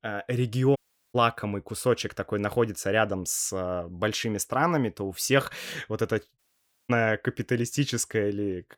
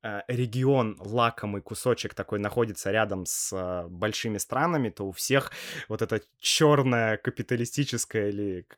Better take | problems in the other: second | audio cutting out; at 1 s and at 6.5 s for 0.5 s

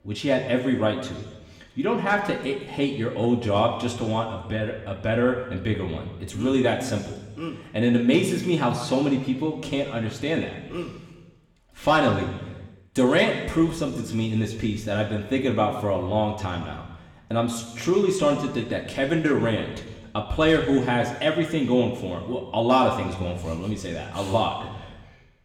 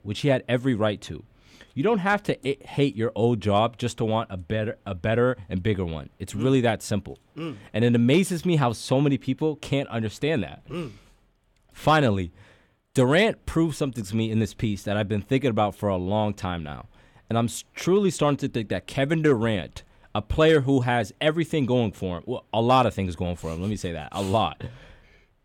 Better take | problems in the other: second | room echo; slight; dies away in 1.2 s // off-mic speech; somewhat distant

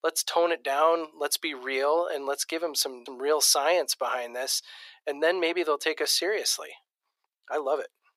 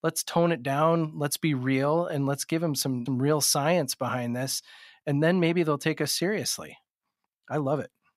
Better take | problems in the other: second | thin; very; fading below 400 Hz

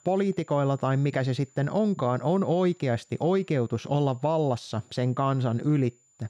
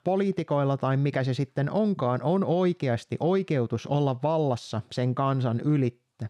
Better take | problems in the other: second | high-pitched whine; faint; throughout; 7 kHz, 35 dB below the speech

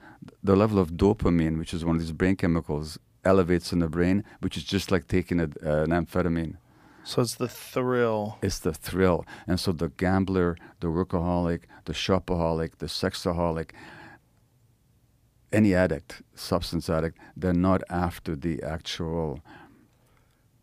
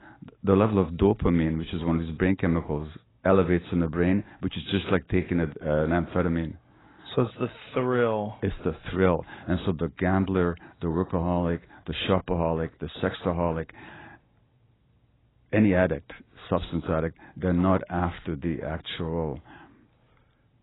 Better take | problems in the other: first | garbled, watery; badly; nothing above 4 kHz

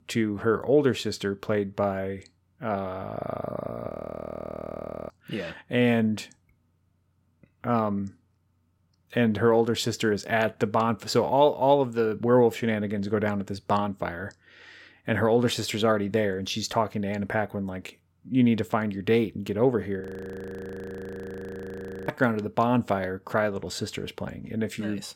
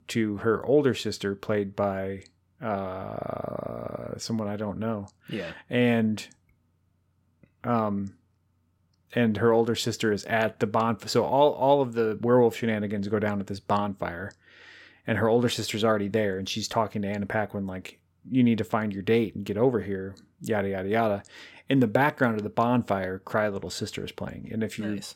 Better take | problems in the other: second | audio freezing; at 4 s for 1 s and at 20 s for 2 s

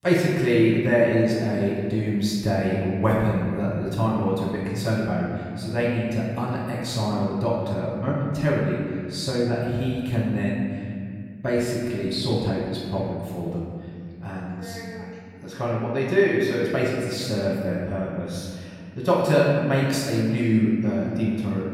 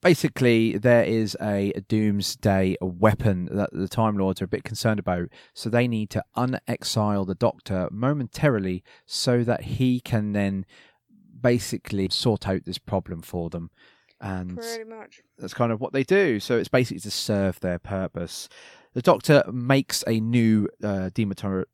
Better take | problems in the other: second | off-mic speech; far // room echo; strong; dies away in 2.2 s

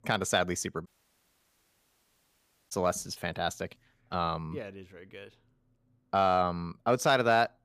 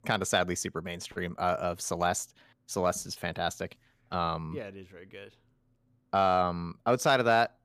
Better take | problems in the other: second | audio cutting out; at 1 s for 2 s

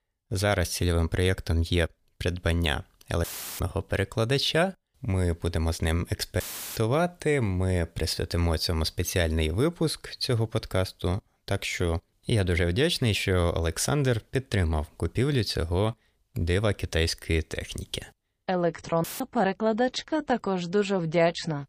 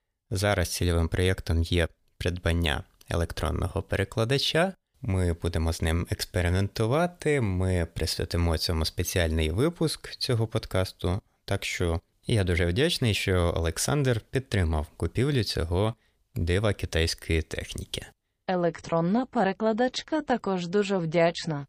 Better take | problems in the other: second | audio cutting out; filled with static; at 3 s, at 6.5 s and at 19 s

